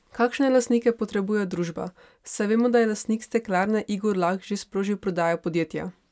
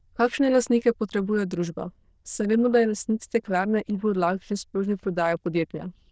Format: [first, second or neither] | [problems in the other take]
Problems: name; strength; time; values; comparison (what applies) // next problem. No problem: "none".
first | noise reduction (neural diffusion model UNIVERSE++)